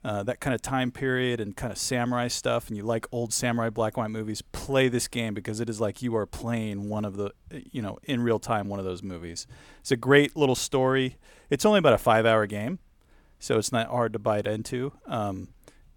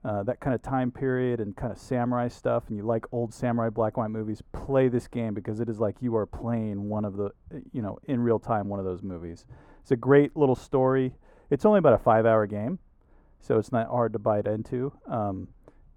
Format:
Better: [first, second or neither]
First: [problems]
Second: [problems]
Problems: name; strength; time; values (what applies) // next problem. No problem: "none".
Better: first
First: none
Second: muffled; very; fading above 1.5 kHz